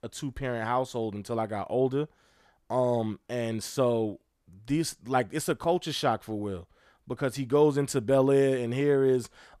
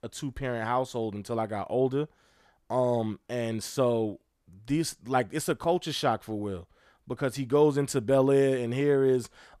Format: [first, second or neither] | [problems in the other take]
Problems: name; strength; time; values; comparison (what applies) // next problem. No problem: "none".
neither | none